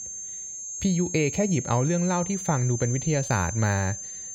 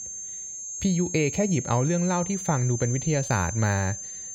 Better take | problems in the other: neither | high-pitched whine; loud; throughout; 6.5 kHz, 7 dB below the speech; the same in both

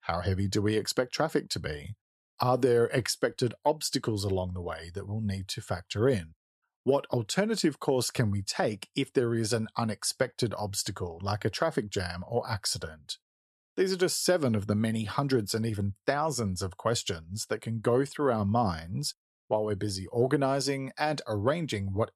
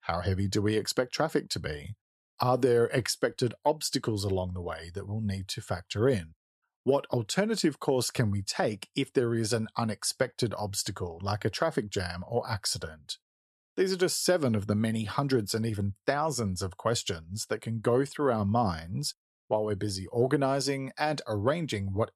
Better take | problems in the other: neither | none

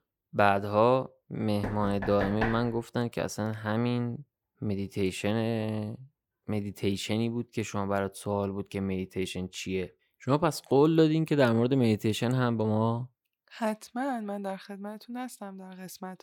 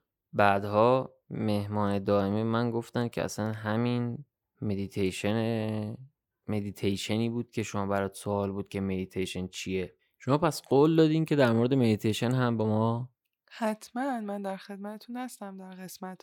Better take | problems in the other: second | door banging; noticeable; from 1.5 to 2.5 s; peak 4 dB below the speech

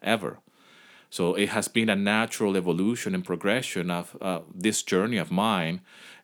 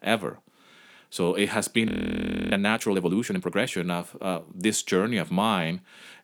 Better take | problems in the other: first | audio freezing; at 2 s for 0.5 s

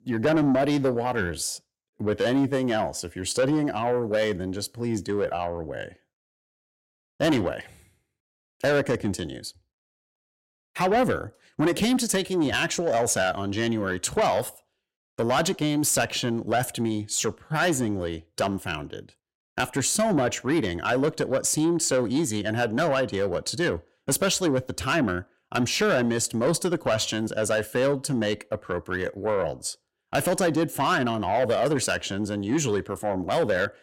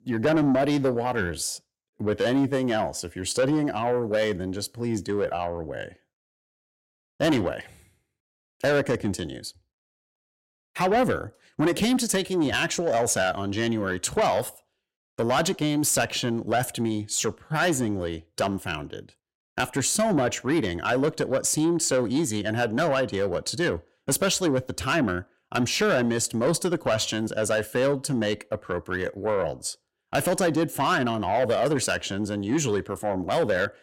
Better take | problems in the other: neither | distortion; slight; 10 dB below the speech; the same in both

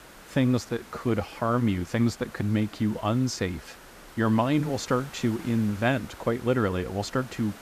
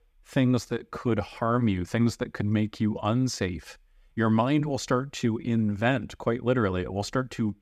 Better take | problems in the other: second | hiss; noticeable; throughout; 20 dB below the speech

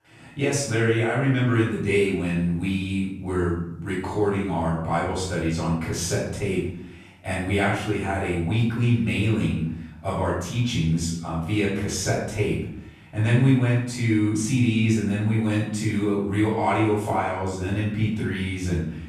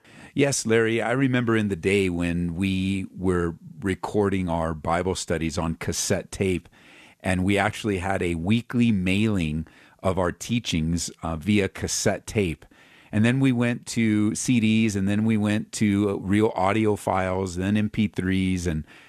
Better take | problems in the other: second | room echo; noticeable; dies away in 0.6 s // off-mic speech; far

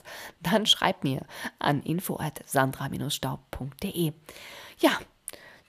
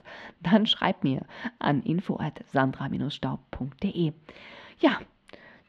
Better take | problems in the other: first | muffled; slightly; fading above 3.5 kHz

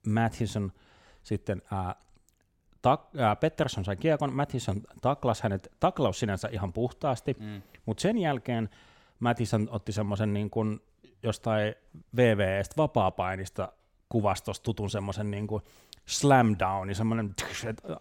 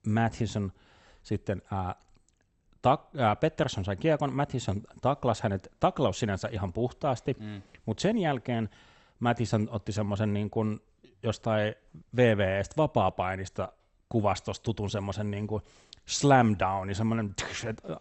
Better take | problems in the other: first | garbled, watery; slightly; nothing above 8 kHz

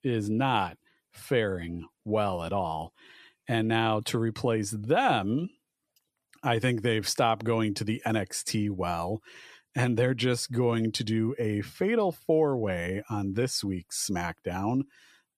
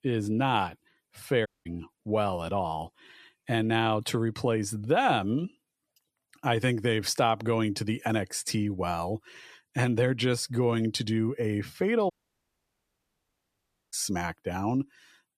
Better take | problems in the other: first | audio cutting out; at 1.5 s and at 12 s for 2 s

